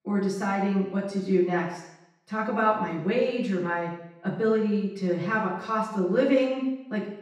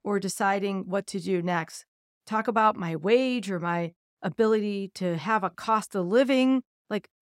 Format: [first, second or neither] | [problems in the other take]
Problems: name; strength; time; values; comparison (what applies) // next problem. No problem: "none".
second | room echo; noticeable; dies away in 0.9 s // off-mic speech; far